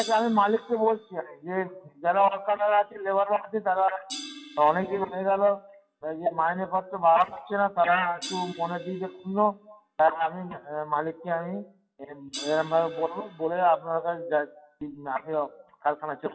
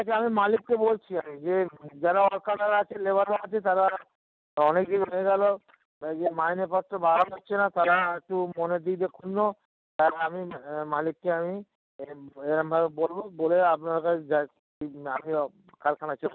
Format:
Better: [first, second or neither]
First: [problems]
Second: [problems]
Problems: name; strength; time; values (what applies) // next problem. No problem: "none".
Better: second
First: noise reduction (classical method WPE with log-MMSE)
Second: none